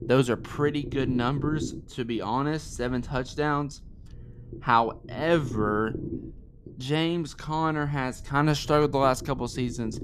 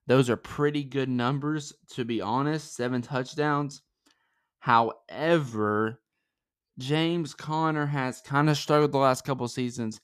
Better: second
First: low rumble; noticeable; throughout; 15 dB below the speech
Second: none

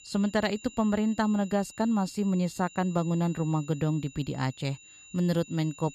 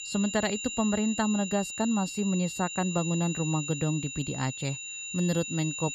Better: first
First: high-pitched whine; faint; throughout; 3 kHz, 20 dB below the speech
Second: high-pitched whine; loud; throughout; 3 kHz, 6 dB below the speech

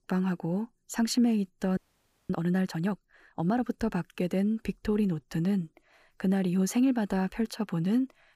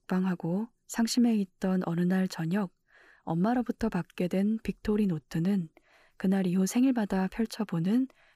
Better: second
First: audio freezing; at 2 s for 0.5 s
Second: none

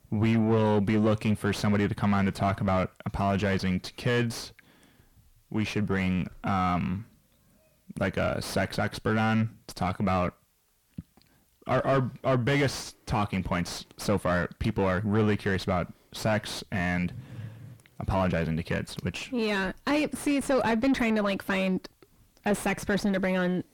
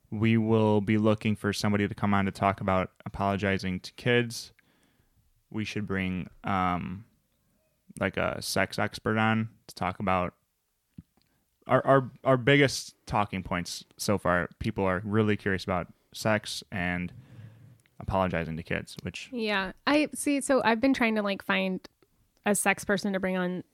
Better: second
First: distortion; heavy; 6 dB below the speech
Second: none

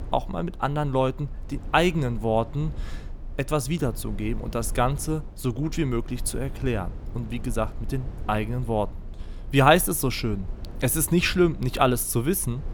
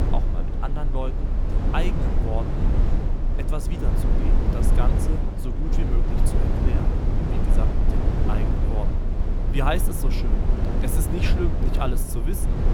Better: first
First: low rumble; faint; throughout; 25 dB below the speech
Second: low rumble; loud; throughout; 1 dB below the speech

